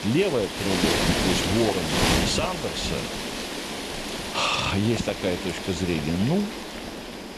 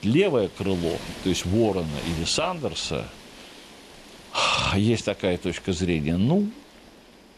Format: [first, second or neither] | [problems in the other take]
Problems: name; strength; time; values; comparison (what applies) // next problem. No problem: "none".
second | wind noise on the microphone; heavy; as loud as the speech; occasional gusts in the second